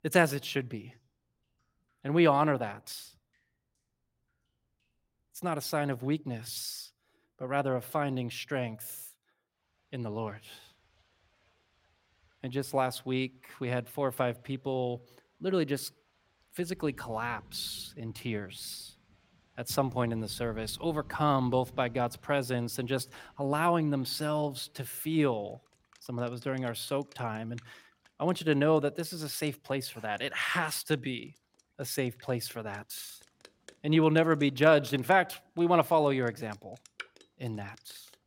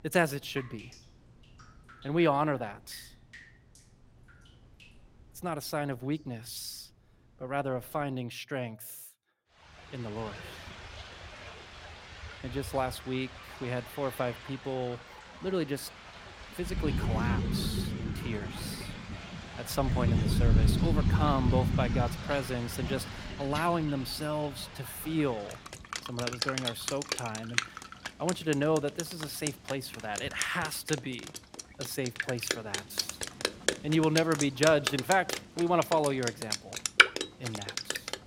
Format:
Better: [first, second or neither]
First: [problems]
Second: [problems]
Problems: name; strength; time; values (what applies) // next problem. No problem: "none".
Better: first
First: rain or running water; faint; throughout; 25 dB below the speech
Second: rain or running water; loud; throughout; as loud as the speech